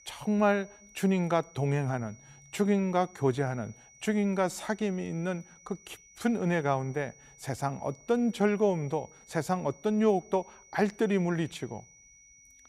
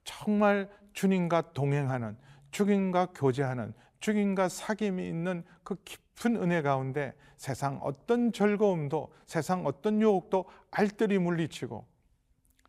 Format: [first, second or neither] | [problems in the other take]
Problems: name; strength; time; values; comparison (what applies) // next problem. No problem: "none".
second | high-pitched whine; faint; throughout; 6 kHz, 25 dB below the speech